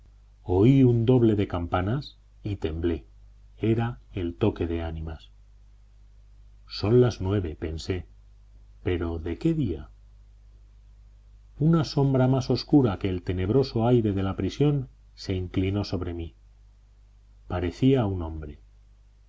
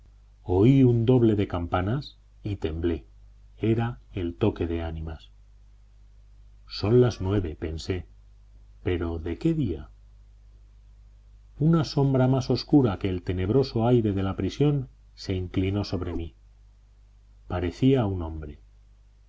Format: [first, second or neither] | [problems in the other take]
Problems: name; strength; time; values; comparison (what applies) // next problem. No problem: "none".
first | background sound (Meow); 15 dB below the speech